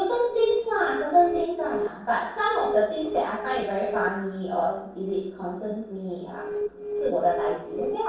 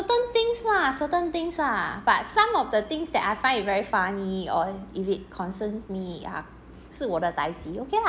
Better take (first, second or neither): second